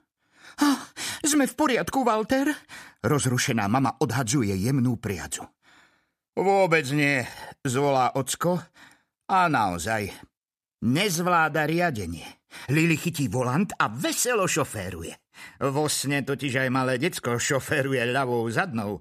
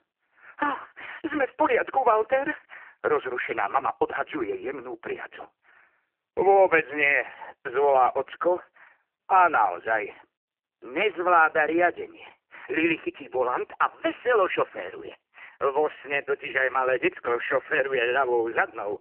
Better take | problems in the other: first | phone-call audio; poor line; nothing above 3 kHz

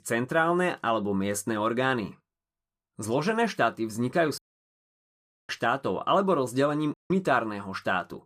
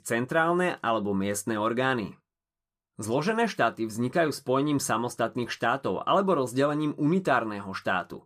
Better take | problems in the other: second | audio cutting out; at 4.5 s for 1 s and at 7 s

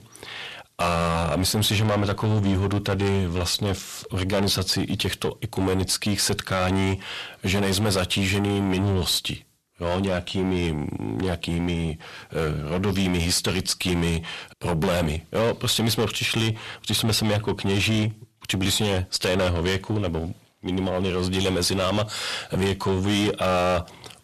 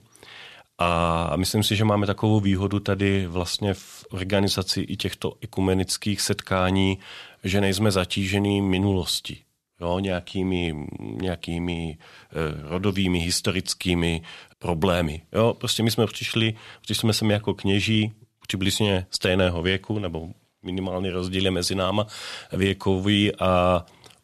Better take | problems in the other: second | distortion; heavy; 6 dB below the speech

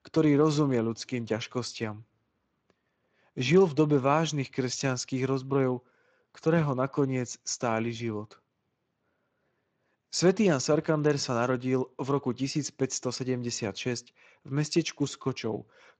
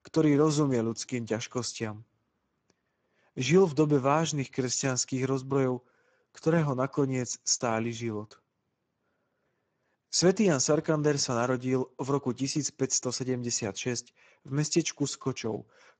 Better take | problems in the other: first | garbled, watery; badly; slightly in the first

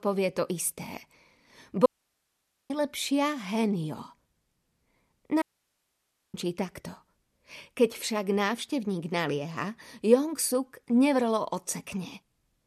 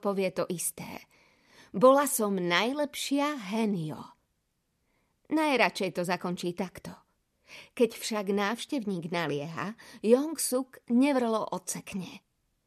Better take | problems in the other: second | audio cutting out; at 2 s for 1 s and at 5.5 s for 1 s

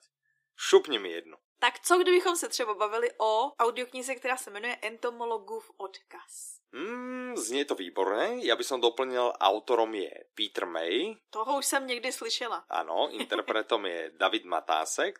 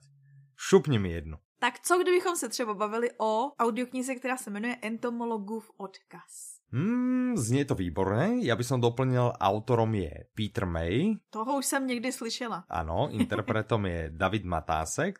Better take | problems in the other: second | thin; very; fading below 350 Hz

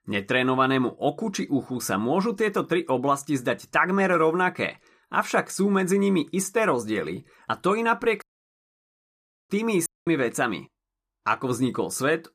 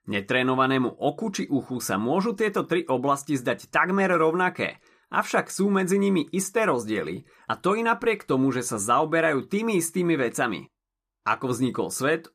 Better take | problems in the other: second | audio cutting out; at 8 s for 1.5 s and at 10 s

